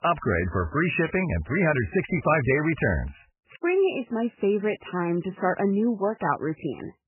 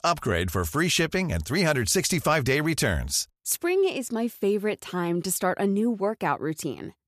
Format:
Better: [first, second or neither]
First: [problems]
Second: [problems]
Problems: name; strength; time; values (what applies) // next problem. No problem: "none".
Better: second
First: garbled, watery; badly; nothing above 3 kHz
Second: none